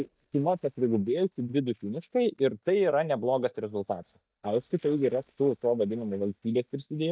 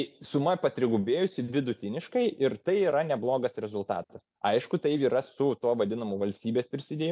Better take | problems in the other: second | noise reduction (neural mask model DeepFilterNet 3)

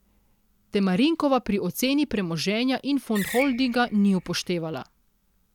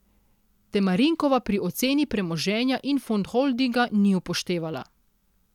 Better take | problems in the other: second | background sound (Screech); 12 dB below the speech

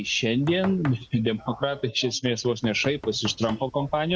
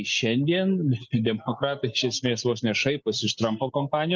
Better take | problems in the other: second | background sound (Knock); 17 dB below the speech

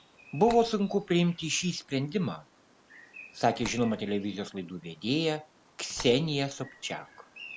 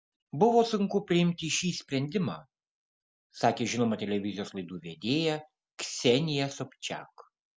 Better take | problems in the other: second | background sound (Slam + Bird vocalization, bird call, bird song); 19 dB below the speech

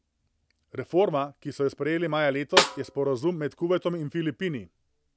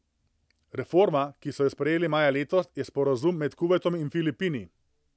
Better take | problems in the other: second | background sound (Snare drum); as loud as the speech

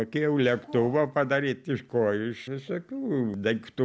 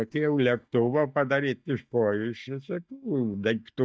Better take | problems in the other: first | noise reduction (neural mask model DeepFilterNet 3)

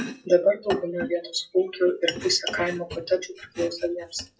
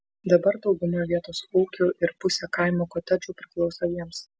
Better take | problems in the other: second | noise reduction (classical method WPE with log-MMSE)

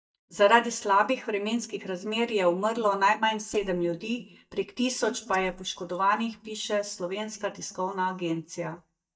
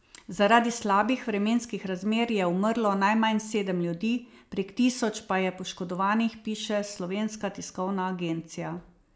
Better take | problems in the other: second | noise reduction (neural mask model DeepFilterNet 3)

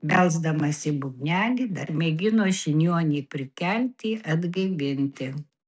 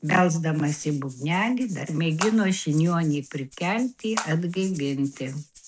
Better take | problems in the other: first | background sound (Water / Splash, splatter + Rattle (instrument)); 15 dB below the speech

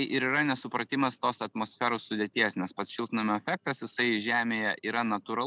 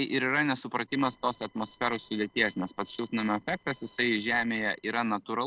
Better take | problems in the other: first | noise reduction (neural separator model SepFormer DNS4)

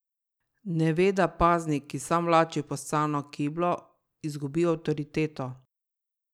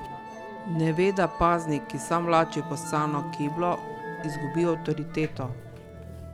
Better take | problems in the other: first | background sound (Musical instrument); 9 dB below the speech

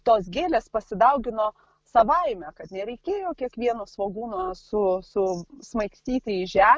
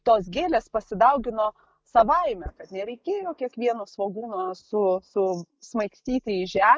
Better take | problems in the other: first | noise reduction (neural mask model DeepFilterNet 3)

